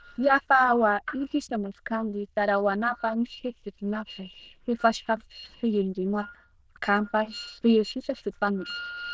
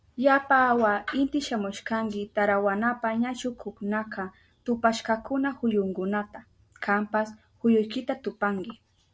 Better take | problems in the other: second | noise reduction (neural diffusion model UNIVERSE++)

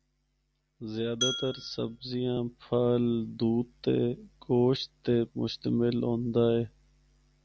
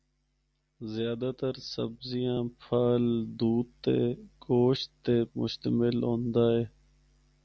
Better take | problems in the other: second | background sound (Glass); 8 dB below the speech

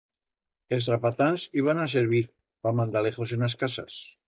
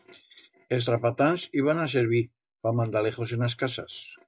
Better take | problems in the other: second | noise reduction (neural mask model DeepFilterNet 3)

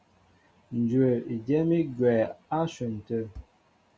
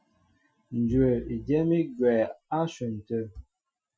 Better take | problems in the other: first | noise reduction (classical method Wiener filter)

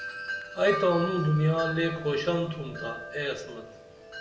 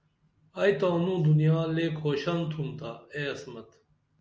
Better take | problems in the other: second | background sound (Wind chime); 10 dB below the speech // room echo; dies away in 0.7 s

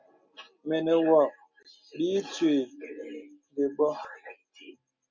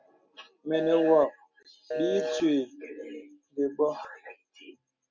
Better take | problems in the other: first | background sound (Telephone); 3 dB below the speech

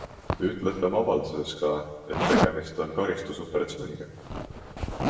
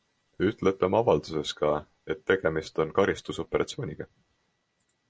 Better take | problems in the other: second | background sound (Zipper (clothing)); 2 dB below the speech // room echo; dies away in 1.1 s

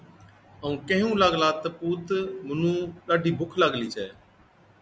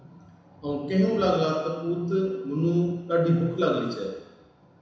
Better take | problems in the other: first | room echo; dies away in 1 s

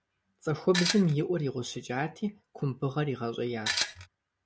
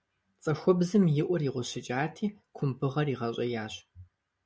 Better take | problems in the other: second | background sound (Tools); 1 dB below the speech

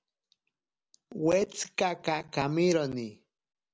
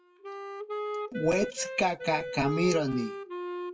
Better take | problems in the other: first | noise reduction (classical method WPE with log-MMSE)

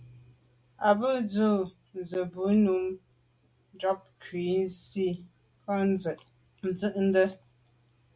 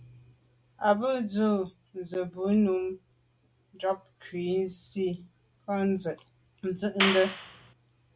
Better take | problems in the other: first | background sound (Clapping); as loud as the speech

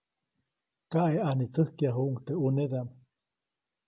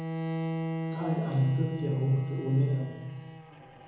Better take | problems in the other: first | background sound (Bowed string instrument); 6 dB below the speech // room echo; dies away in 0.9 s

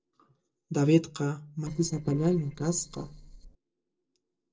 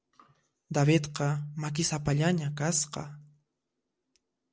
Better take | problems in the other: second | noise reduction (neural separator model SepFormer DNS4)

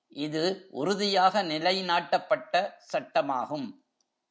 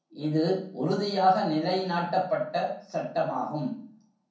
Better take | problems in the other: first | room echo; dies away in 0.6 s

